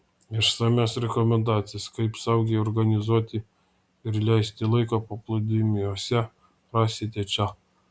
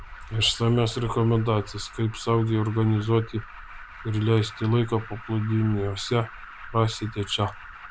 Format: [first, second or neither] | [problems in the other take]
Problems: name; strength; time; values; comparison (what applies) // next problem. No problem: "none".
first | background sound (Alarm); 15 dB below the speech